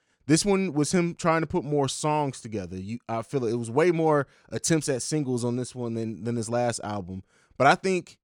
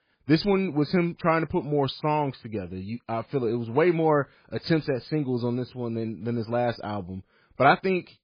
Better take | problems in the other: first | garbled, watery; badly

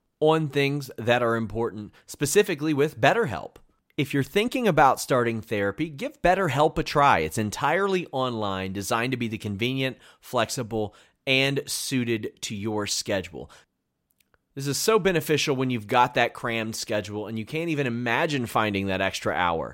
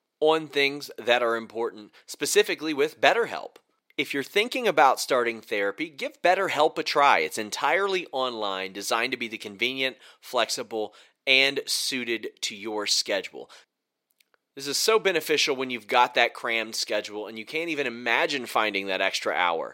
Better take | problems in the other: first | thin; somewhat; fading below 400 Hz

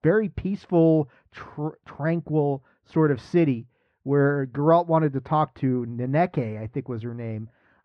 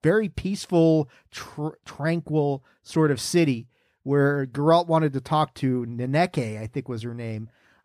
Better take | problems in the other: second | muffled; very; fading above 2 kHz

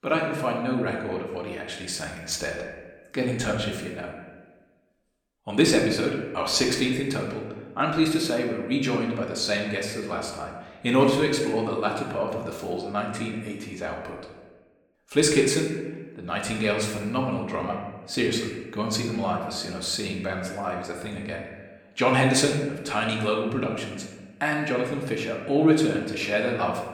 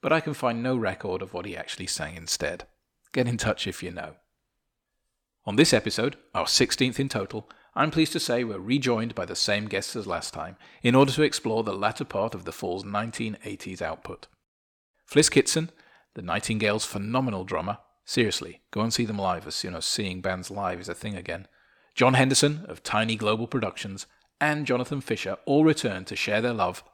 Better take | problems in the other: second | room echo; noticeable; dies away in 1 s // off-mic speech; somewhat distant

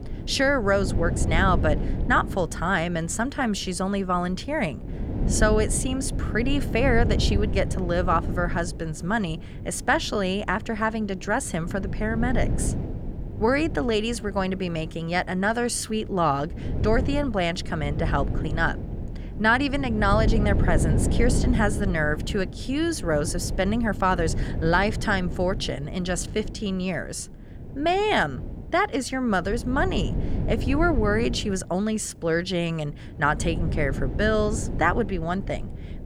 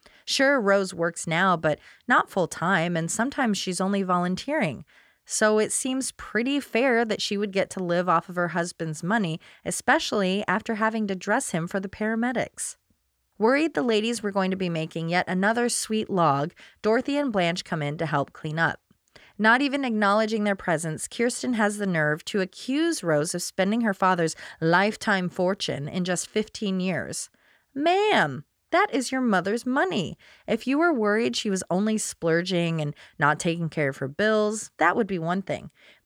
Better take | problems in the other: second | wind noise on the microphone; occasional gusts; 15 dB below the speech

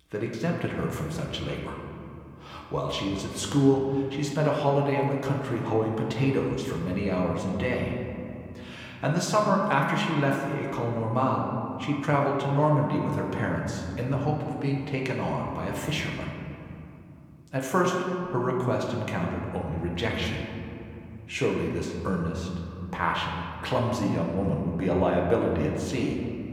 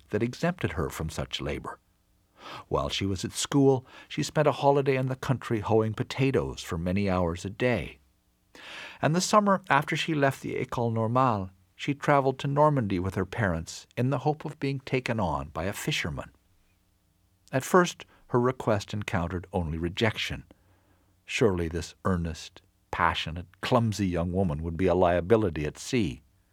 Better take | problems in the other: second | room echo; noticeable; dies away in 2.7 s // off-mic speech; somewhat distant

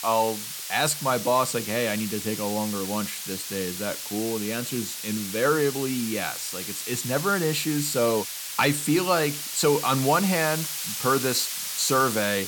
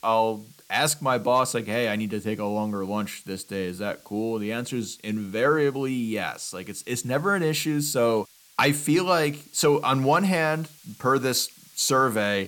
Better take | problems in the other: second | hiss; loud; throughout; 5 dB below the speech; faint in the second

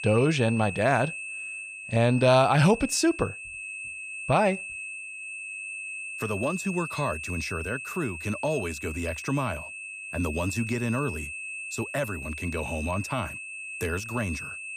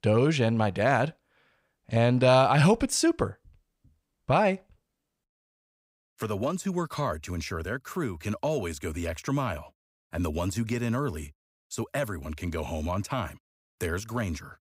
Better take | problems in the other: second | high-pitched whine; loud; throughout; 2.5 kHz, 8 dB below the speech

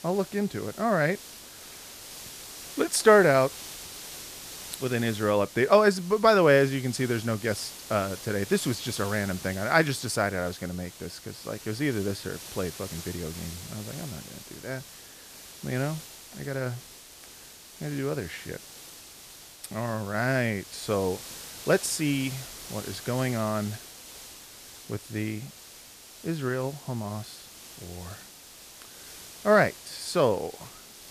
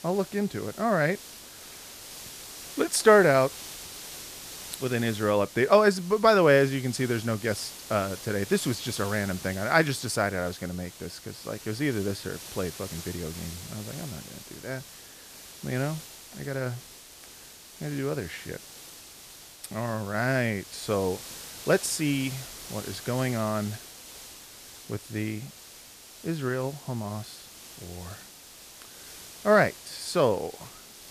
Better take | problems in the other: neither | hiss; noticeable; throughout; 15 dB below the speech; the same in both

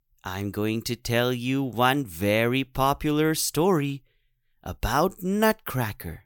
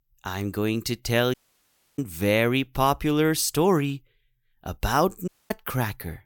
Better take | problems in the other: first | audio cutting out; at 1.5 s for 0.5 s and at 5.5 s

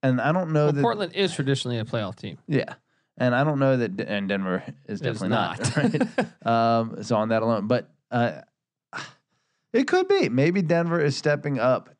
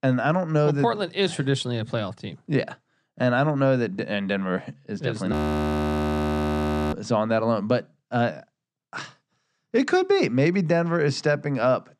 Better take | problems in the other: first | audio freezing; at 5.5 s for 1.5 s

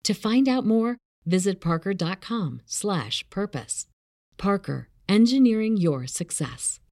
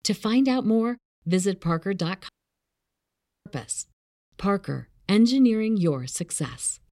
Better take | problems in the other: first | audio cutting out; at 2.5 s for 1 s

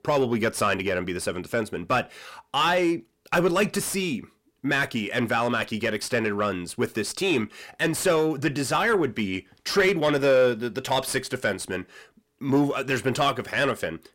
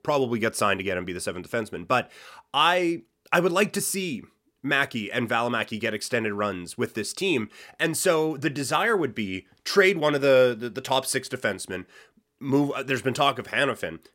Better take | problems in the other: second | distortion; slight; 10 dB below the speech

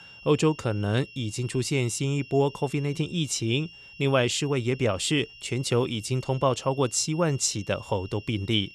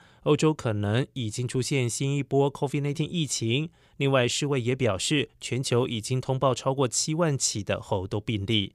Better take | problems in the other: second | high-pitched whine; noticeable; throughout; 3 kHz, 20 dB below the speech

